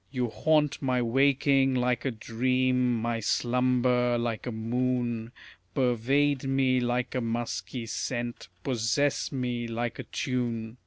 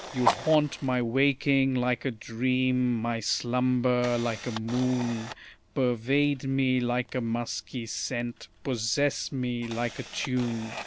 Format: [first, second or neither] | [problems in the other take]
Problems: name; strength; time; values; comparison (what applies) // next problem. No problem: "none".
first | background sound (Camera + Fire); 12 dB below the speech